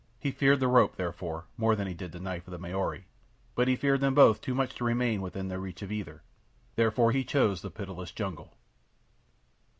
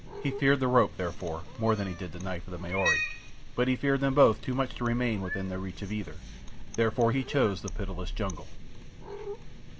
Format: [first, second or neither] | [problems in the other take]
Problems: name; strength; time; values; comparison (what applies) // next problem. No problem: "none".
first | background sound (Cat); 7 dB below the speech